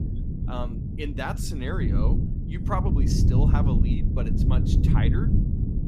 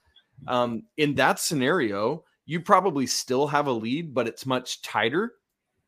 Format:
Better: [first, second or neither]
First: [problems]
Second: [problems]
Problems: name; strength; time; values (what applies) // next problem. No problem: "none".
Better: second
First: low rumble; loud; throughout; 1 dB below the speech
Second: none